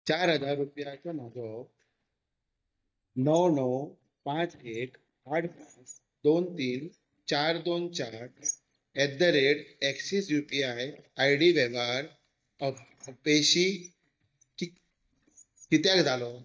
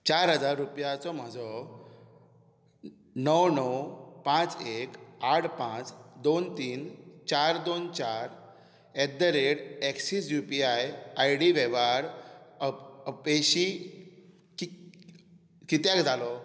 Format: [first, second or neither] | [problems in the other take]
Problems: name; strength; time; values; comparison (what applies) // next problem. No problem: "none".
second | noise reduction (neural mask model DeepFilterNet 3)